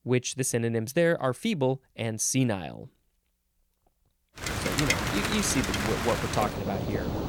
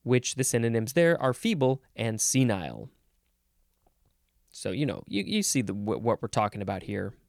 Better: second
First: rain or running water; loud; from 4.5 s on; 1 dB below the speech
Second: none

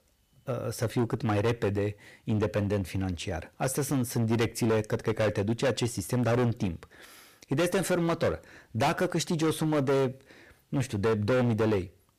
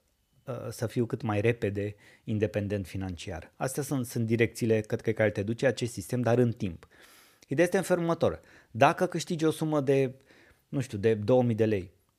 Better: second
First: distortion; heavy; 14% of the sound clipped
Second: none

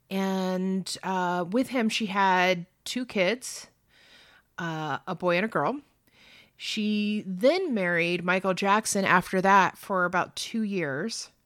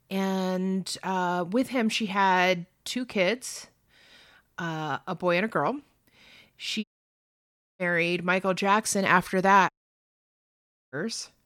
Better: first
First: none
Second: audio cutting out; at 7 s for 1 s and at 9.5 s for 1 s

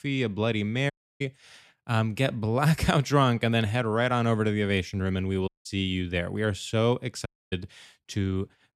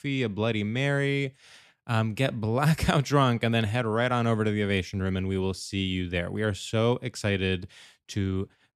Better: second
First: audio cutting out; at 1 s, at 5.5 s and at 7.5 s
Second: none

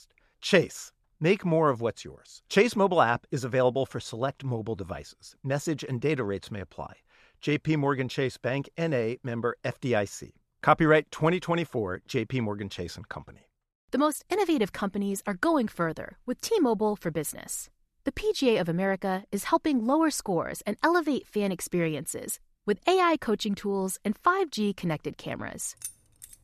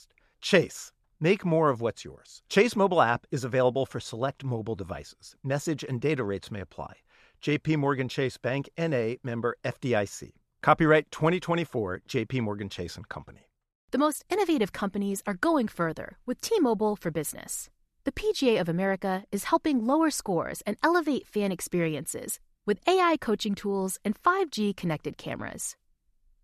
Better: second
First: jangling keys; faint; at 26 s; peak 10 dB below the speech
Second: none

